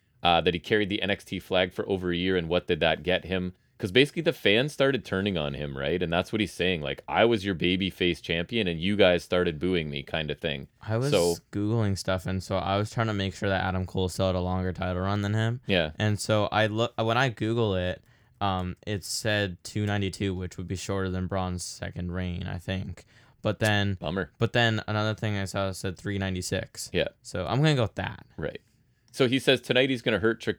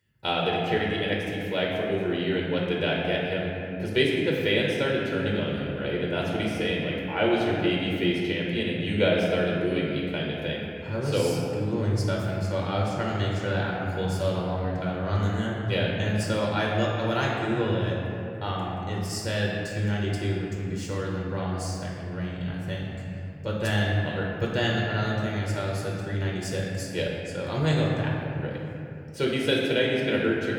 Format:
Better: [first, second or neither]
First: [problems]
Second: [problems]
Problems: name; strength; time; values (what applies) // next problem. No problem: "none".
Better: first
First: none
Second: off-mic speech; far // room echo; noticeable; dies away in 2.5 s